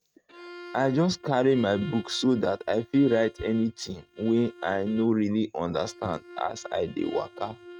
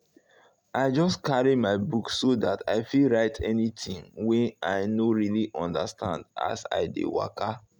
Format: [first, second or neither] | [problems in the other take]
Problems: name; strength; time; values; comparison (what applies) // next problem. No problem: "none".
second | noise reduction (neural mask model RNNoise)